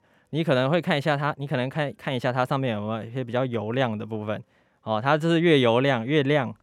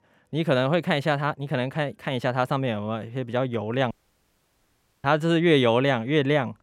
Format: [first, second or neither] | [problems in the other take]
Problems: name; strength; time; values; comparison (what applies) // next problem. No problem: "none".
first | audio cutting out; at 4 s for 1 s